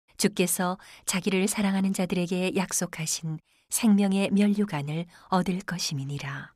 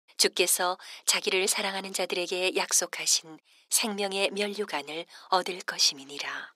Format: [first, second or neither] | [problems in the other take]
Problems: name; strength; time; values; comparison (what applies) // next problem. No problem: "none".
first | thin; very; fading below 350 Hz